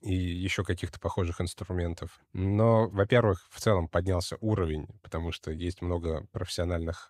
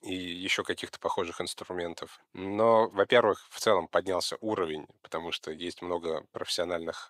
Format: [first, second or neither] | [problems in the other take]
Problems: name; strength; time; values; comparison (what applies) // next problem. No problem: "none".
first | thin; somewhat; fading below 350 Hz